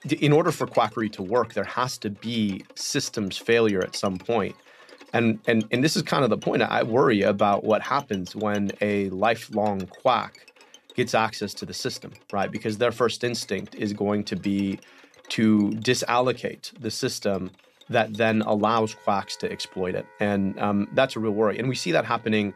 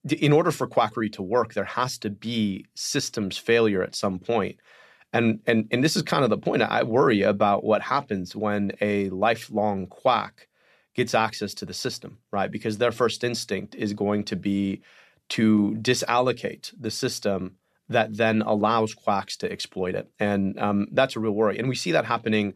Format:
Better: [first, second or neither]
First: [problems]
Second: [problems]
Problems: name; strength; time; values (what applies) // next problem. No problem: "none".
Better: second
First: background music; faint; throughout; 25 dB below the speech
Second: none